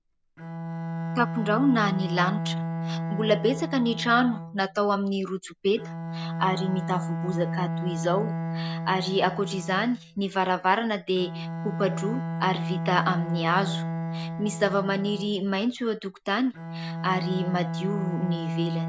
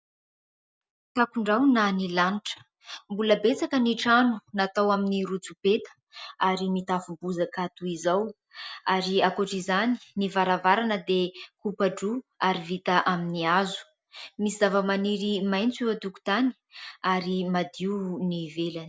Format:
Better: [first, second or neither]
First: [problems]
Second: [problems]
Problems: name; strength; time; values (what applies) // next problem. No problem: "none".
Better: second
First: background sound (Bowed string instrument); 4 dB below the speech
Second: none